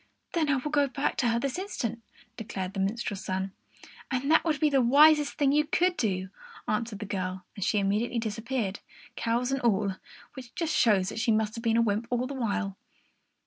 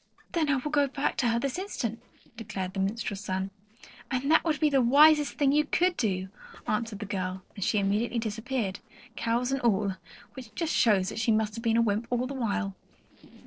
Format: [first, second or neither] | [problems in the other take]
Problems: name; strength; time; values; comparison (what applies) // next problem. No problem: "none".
first | noise reduction (neural separator model SepFormer DNS4)